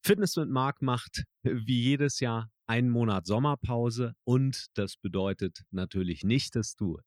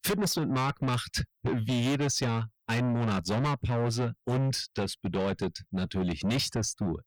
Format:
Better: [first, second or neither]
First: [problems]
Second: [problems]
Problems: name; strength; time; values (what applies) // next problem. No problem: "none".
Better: first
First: none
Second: distortion; heavy; 5 dB below the speech